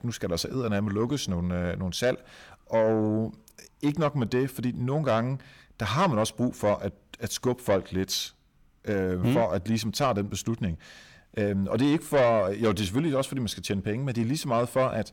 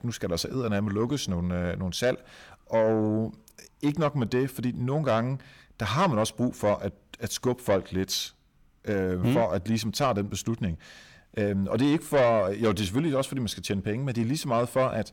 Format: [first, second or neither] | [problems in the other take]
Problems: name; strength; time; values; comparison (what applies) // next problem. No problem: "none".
neither | distortion; slight; 10 dB below the speech; the same in both